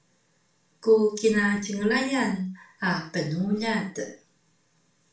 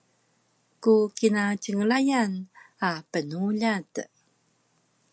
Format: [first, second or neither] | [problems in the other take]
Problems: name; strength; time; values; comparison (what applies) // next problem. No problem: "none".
second | room echo; dies away in 0.3 s